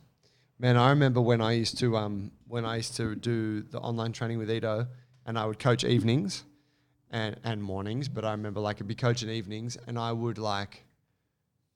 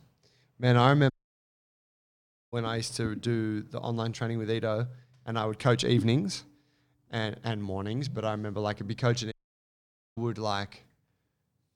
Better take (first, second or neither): first